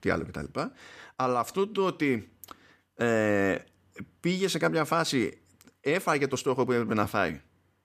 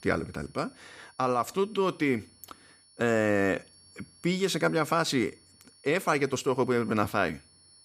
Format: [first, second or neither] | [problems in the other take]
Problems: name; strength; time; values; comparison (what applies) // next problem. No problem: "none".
first | high-pitched whine; faint; throughout; 10.5 kHz, 30 dB below the speech